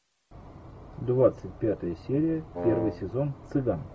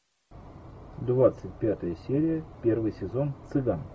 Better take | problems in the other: second | background sound (Wind instrument, woodwind instrument); 6 dB below the speech

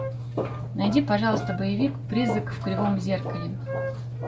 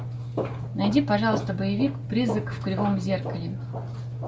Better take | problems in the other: second | background sound (Wind instrument, woodwind instrument); 12 dB below the speech

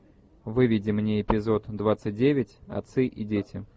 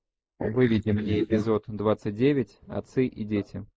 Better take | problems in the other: first | noise reduction (neural mask model Resemble Enhance denoiser)

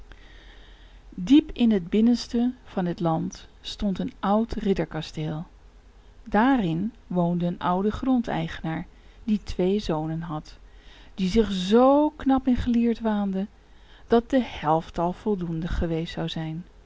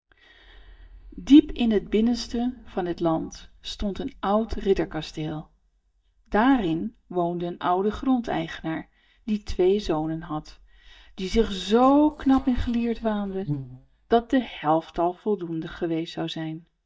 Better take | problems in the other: first | noise reduction (neural mask model DeepFilterNet 3)

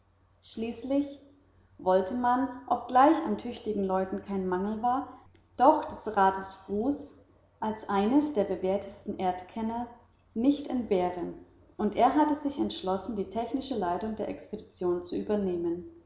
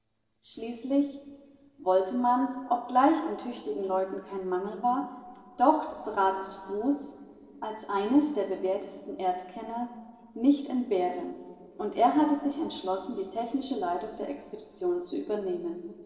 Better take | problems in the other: first | noise reduction (neural separator model SepFormer DNS4)

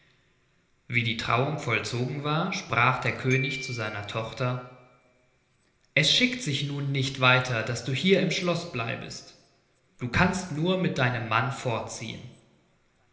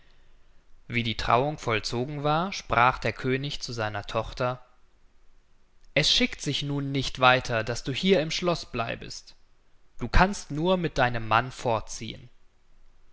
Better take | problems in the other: second | background sound (Glockenspiel); 14 dB below the speech // room echo; dies away in 1 s

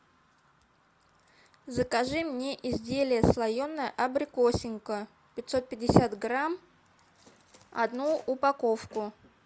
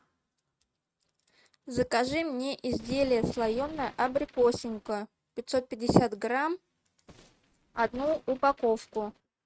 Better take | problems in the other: first | noise reduction (neural mask model RNNoise)

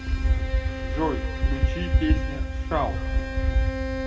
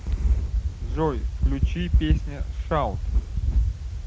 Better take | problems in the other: second | background sound (Bowed string instrument); 11 dB below the speech // room echo; dies away in 2 s

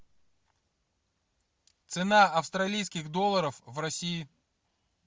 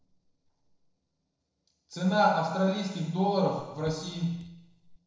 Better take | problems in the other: first | noise reduction (neural separator model SepFormer DNS4)

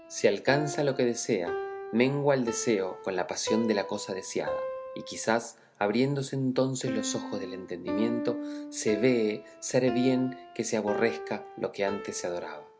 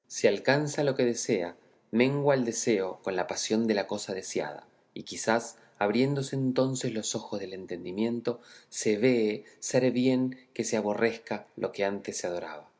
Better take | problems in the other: second | background sound (Piano); 9 dB below the speech

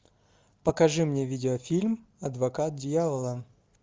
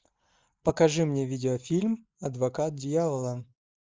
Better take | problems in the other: first | noise reduction (neural mask model Resemble Enhance denoiser)

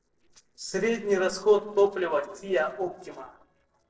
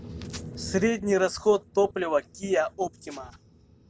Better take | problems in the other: second | noise reduction (neural separator model SepFormer DNS4)

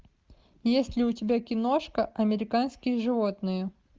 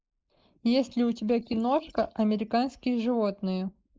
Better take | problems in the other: first | noise reduction (neural mask model Resemble Enhance denoiser)

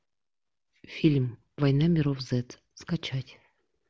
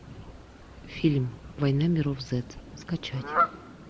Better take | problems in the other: first | background sound (Fowl); 5 dB below the speech

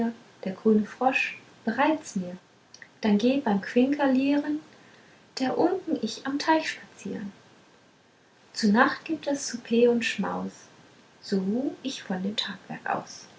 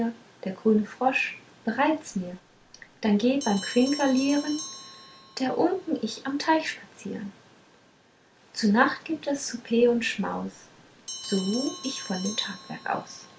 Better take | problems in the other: first | background sound (Bell); 16 dB below the speech

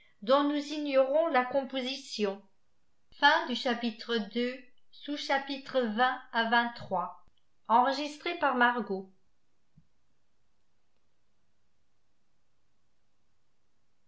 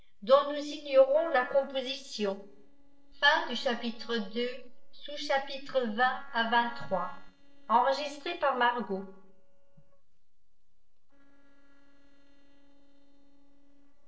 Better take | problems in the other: first | noise reduction (neural separator model SepFormer DNS4)

